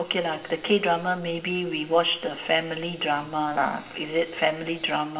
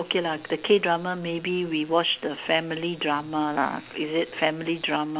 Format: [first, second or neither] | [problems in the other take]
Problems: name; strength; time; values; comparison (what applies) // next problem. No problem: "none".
second | room echo; dies away in 0.9 s